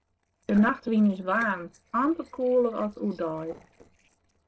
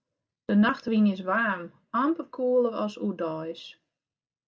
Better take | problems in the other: second | noise reduction (neural separator model SepFormer DNS4)

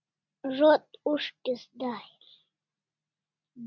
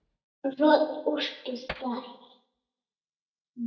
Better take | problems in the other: first | noise reduction (neural mask model DeepFilterNet 3)

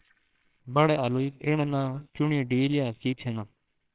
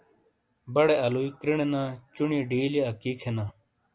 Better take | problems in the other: second | noise reduction (neural separator model SepFormer WHAMR!)

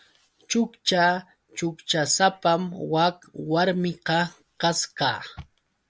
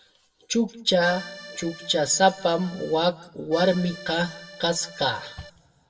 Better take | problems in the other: first | background sound (Accordion); 16 dB below the speech // room echo; dies away in 1.1 s

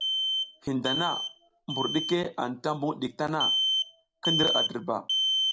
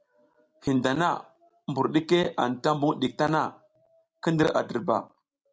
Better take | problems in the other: second | background sound (Alarm); 2 dB above the speech

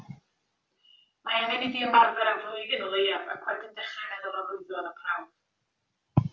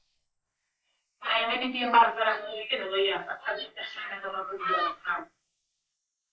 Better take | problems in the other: first | noise reduction (neural mask model Resemble Enhance denoiser)

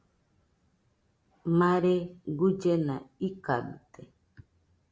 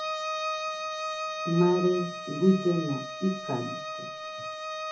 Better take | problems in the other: first | background sound (Bowed string instrument); 5 dB below the speech // room echo; dies away in 0.3 s

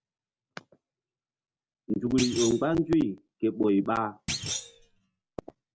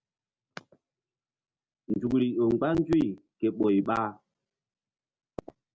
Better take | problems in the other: second | background sound (Thump, thud); 7 dB below the speech

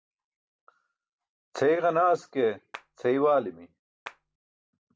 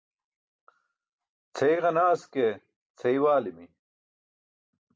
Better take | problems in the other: second | background sound (Clapping); 16 dB below the speech

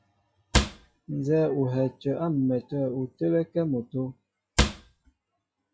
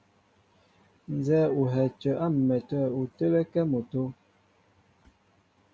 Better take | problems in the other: second | noise reduction (classical method log-MMSE)

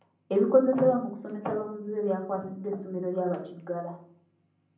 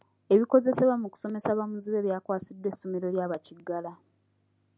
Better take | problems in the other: second | room echo; dies away in 0.6 s

